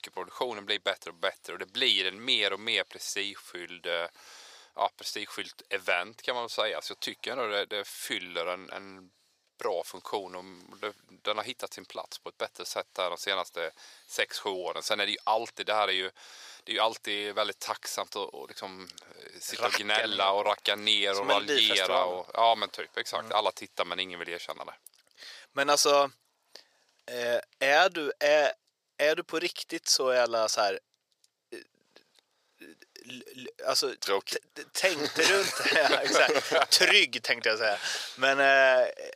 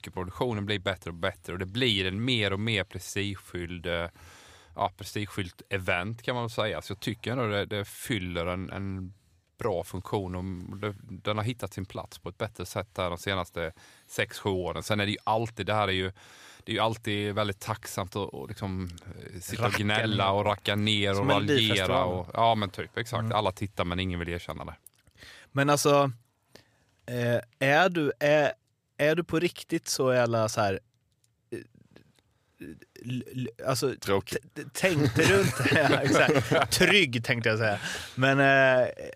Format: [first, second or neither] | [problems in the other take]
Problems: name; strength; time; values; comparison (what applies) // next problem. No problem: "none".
second | thin; very; fading below 550 Hz